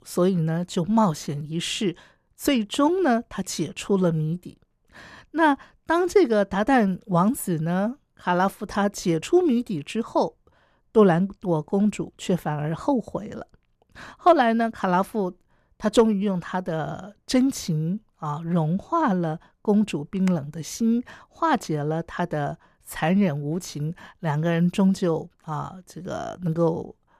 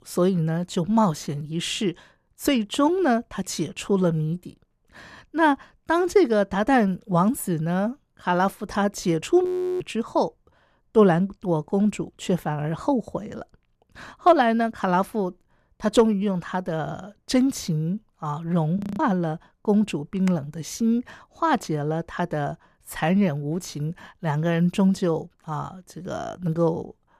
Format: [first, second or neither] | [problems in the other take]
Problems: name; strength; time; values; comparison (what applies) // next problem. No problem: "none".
first | audio freezing; at 9.5 s and at 19 s